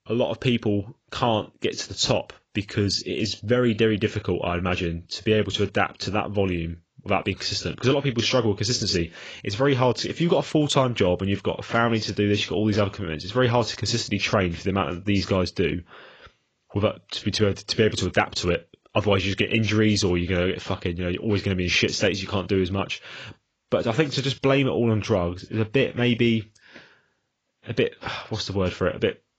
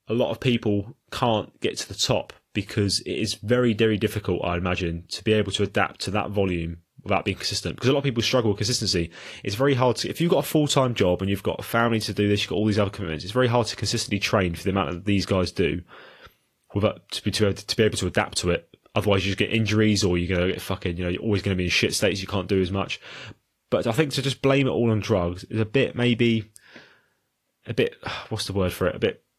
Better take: second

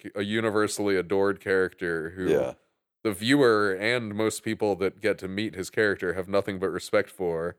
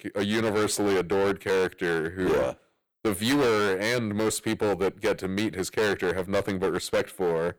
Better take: first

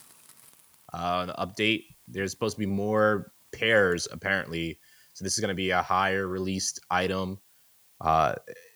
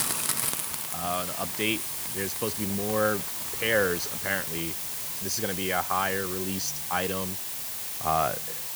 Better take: first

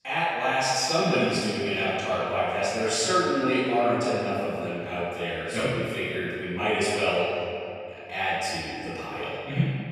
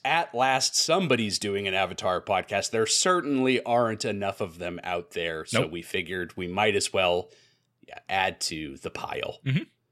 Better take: second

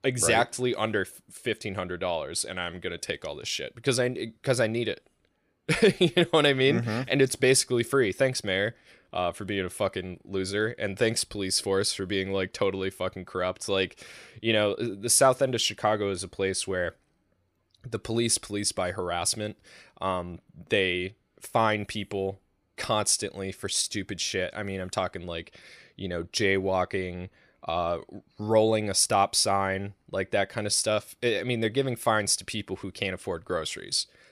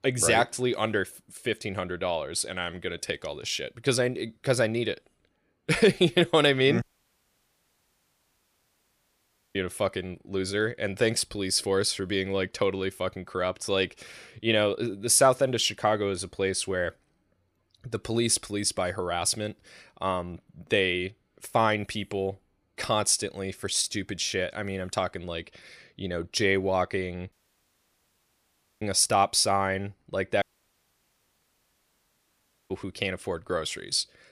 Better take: first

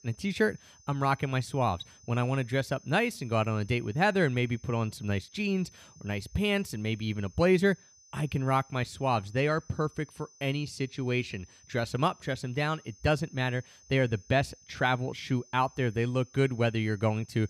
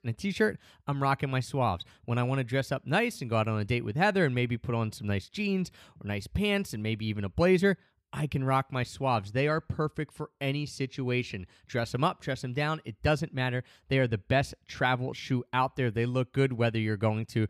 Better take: second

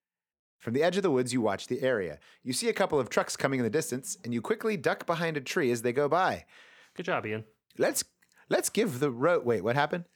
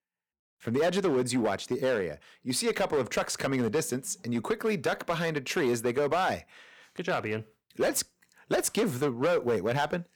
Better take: first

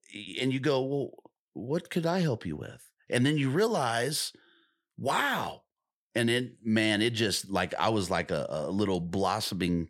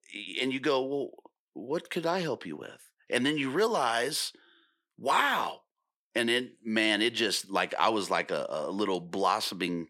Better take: first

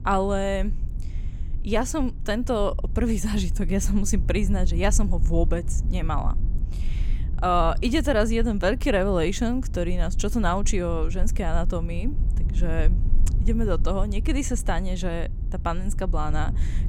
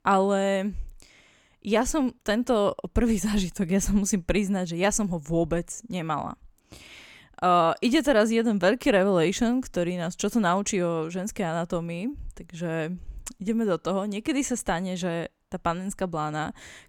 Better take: second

